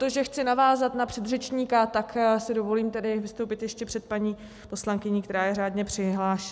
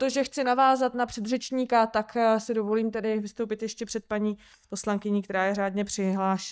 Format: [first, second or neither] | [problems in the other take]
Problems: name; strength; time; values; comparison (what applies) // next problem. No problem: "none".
first | noise reduction (neural mask model DeepFilterNet 3)